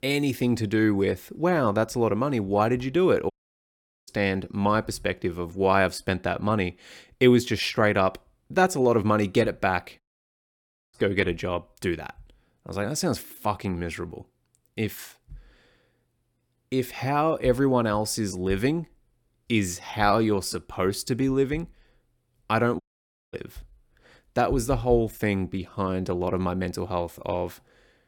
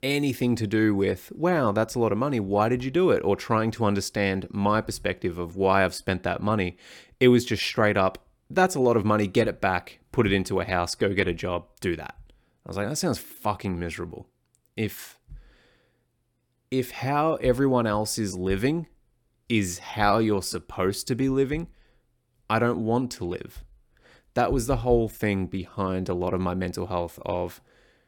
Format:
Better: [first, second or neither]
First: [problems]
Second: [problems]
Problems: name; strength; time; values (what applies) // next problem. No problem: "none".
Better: second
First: audio cutting out; at 3.5 s for 1 s, at 10 s for 1 s and at 23 s for 0.5 s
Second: none